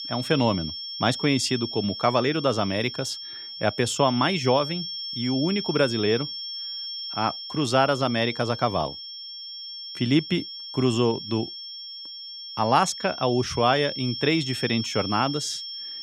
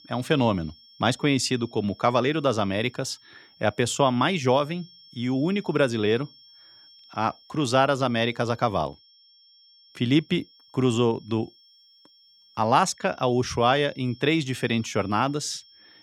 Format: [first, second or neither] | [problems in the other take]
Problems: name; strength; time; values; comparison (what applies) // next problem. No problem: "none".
second | high-pitched whine; loud; throughout; 5.5 kHz, 8 dB below the speech; faint in the second